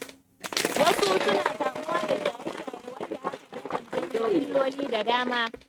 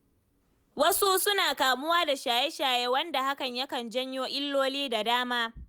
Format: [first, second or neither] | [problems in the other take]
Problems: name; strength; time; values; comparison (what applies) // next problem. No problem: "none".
second | noise reduction (neural mask model RNNoise)